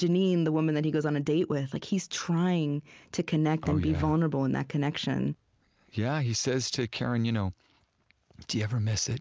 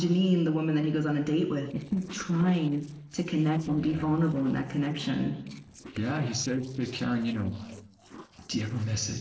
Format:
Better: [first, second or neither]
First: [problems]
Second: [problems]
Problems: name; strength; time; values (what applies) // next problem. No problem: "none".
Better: first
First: none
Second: noise reduction (neural separator model SepFormer DNS4)